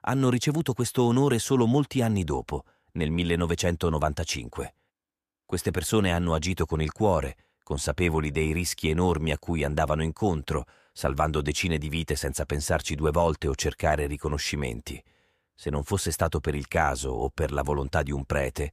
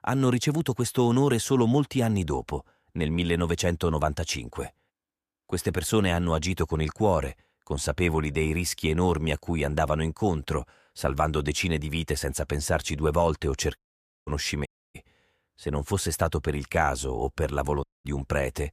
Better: first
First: none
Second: audio cutting out; at 14 s, at 15 s and at 18 s

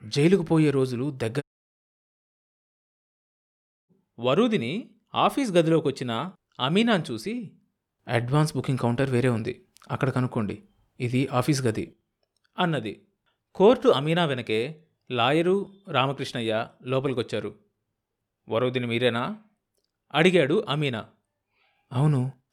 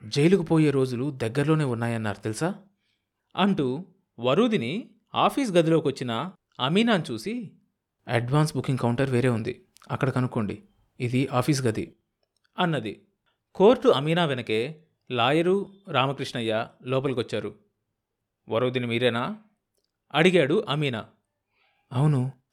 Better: second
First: audio cutting out; at 1.5 s for 2.5 s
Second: none

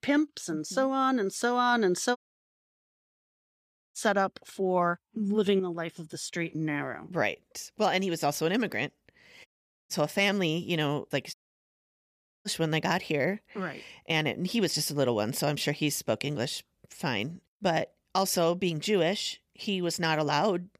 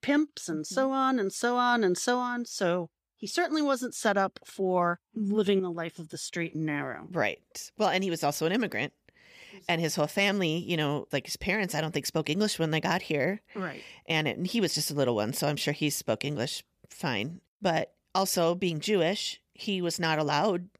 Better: second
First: audio cutting out; at 2 s for 2 s, at 9.5 s and at 11 s for 1 s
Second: none

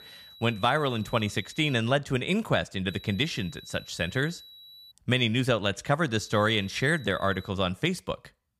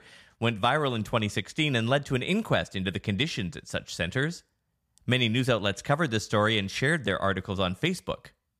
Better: second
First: high-pitched whine; noticeable; until 1.5 s, from 3 to 5 s and from 6 to 7.5 s; 4 kHz, 20 dB below the speech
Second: none

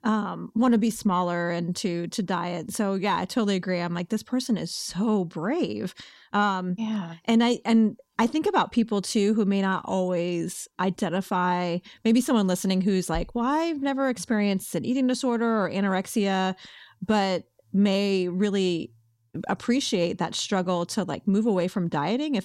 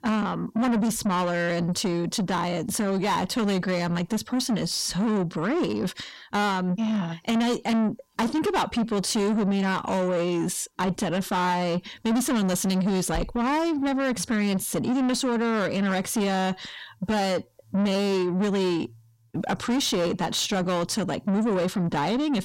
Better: first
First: none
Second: distortion; heavy; 7 dB below the speech

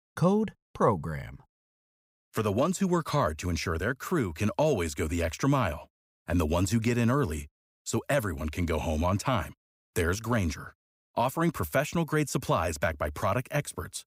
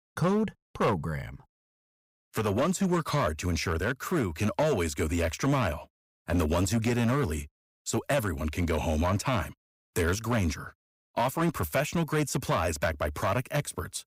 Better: first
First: none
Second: distortion; slight; 7% of the sound clipped

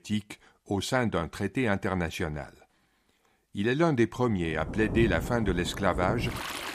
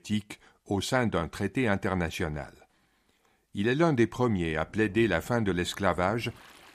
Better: second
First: rain or running water; loud; from 4.5 s on; 7 dB below the speech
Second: rain or running water; faint; from 4.5 s on; 25 dB below the speech

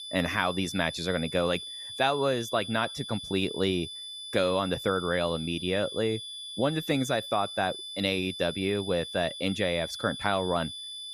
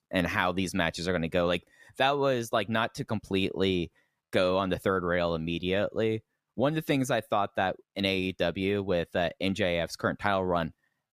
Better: second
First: high-pitched whine; loud; throughout; 3.5 kHz, 8 dB below the speech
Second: none

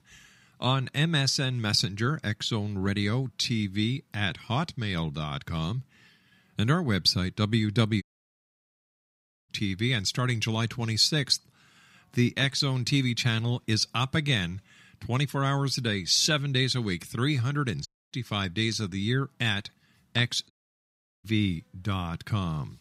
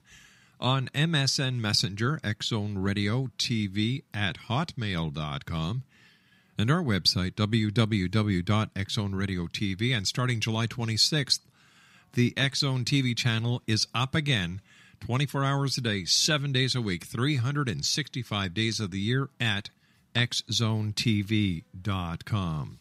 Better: second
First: audio cutting out; at 8 s for 1.5 s, at 18 s and at 21 s for 0.5 s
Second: none

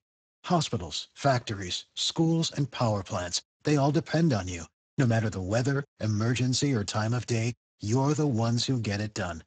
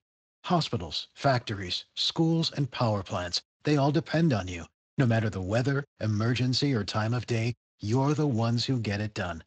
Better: second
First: garbled, watery; badly; nothing above 7.5 kHz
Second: garbled, watery; slightly; nothing above 7.5 kHz

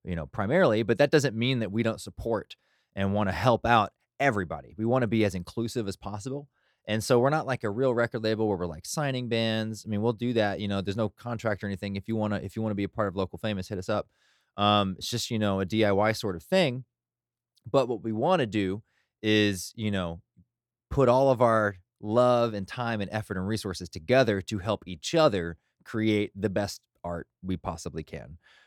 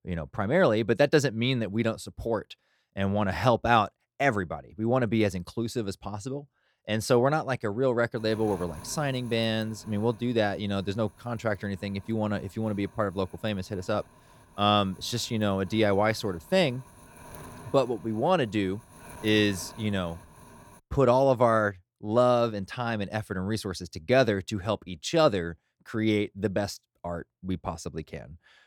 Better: first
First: none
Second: wind noise on the microphone; occasional gusts; from 8 to 21 s; 25 dB below the speech

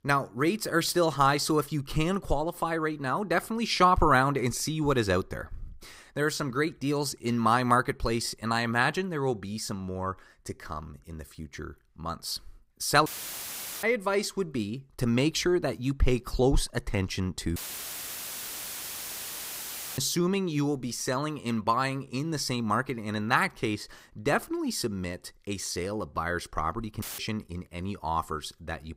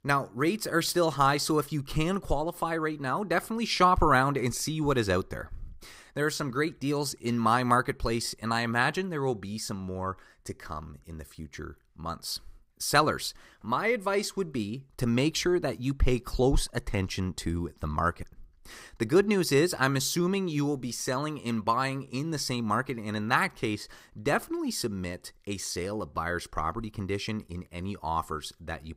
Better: second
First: audio cutting out; filled with static; at 13 s for 1 s, at 18 s for 2.5 s and at 27 s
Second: none

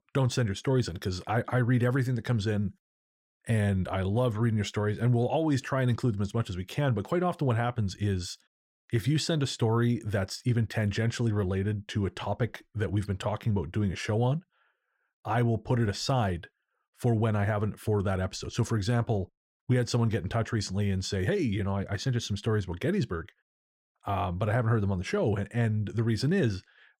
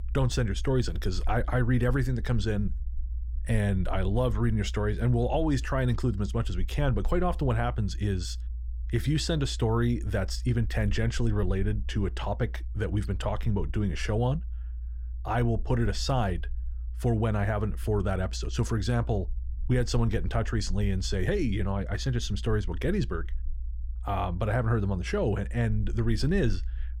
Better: first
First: none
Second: low rumble; faint; throughout; 25 dB below the speech

